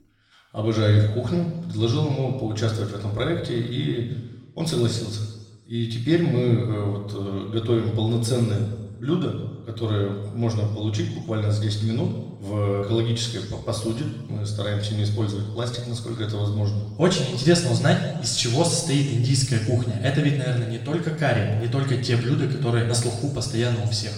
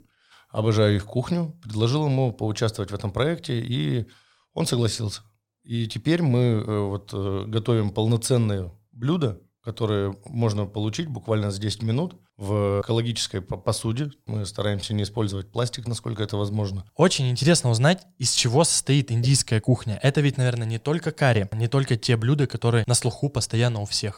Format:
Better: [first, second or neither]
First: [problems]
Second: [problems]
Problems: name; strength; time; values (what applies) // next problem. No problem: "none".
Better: second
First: room echo; noticeable; dies away in 1 s // off-mic speech; far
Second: none